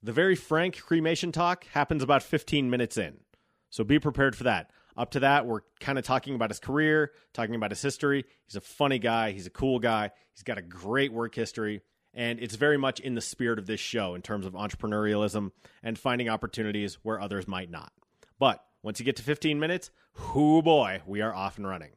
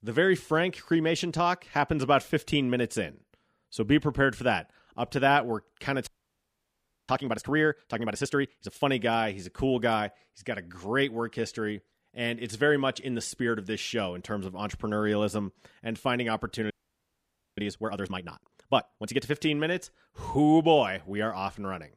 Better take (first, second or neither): first